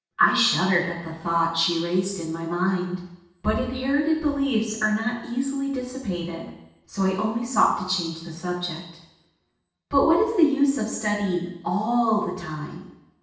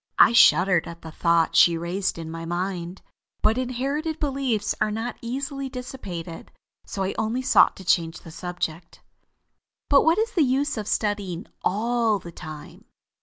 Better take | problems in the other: second | room echo; dies away in 0.9 s

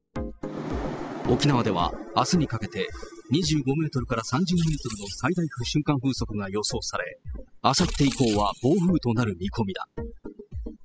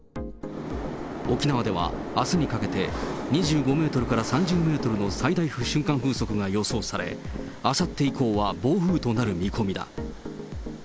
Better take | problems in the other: second | noise reduction (classical method spectral subtraction)

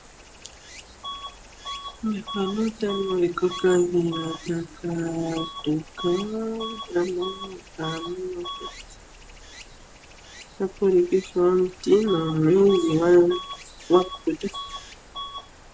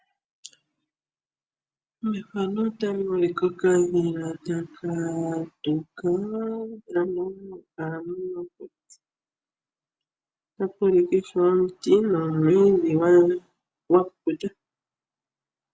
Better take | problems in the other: second | background sound (Bus / Alarm + Stream); 14 dB below the speech

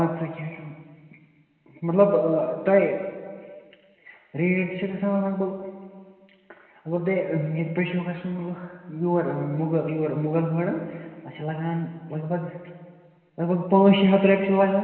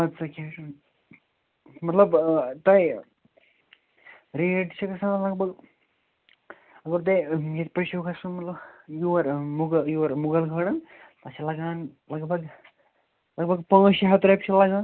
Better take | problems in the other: second | room echo; dies away in 2.1 s

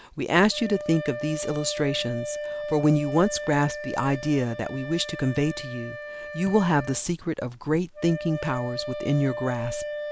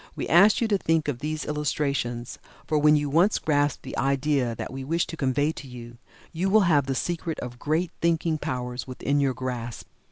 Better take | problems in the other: second | background sound (Wind instrument, woodwind instrument); 9 dB below the speech

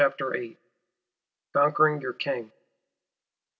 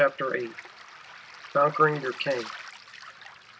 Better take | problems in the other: first | background sound (Waves, surf); 15 dB below the speech

